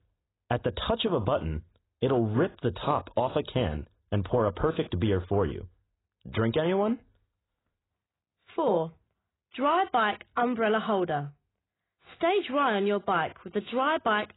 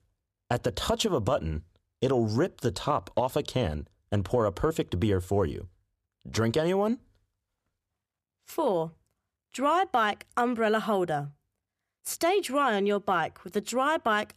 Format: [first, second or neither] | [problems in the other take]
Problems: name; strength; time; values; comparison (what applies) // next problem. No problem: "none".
second | garbled, watery; badly; nothing above 4 kHz